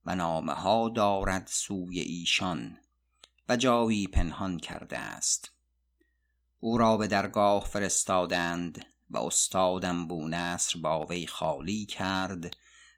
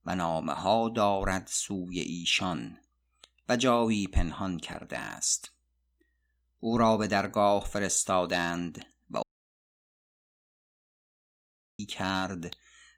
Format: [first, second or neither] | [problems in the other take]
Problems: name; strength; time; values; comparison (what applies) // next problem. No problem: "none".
first | audio cutting out; at 9 s for 2.5 s